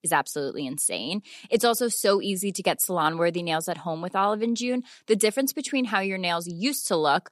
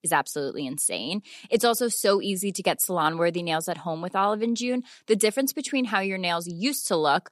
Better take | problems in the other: neither | none

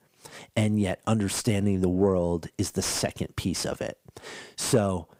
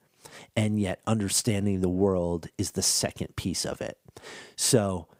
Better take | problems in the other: second | distortion; slight; 10 dB below the speech

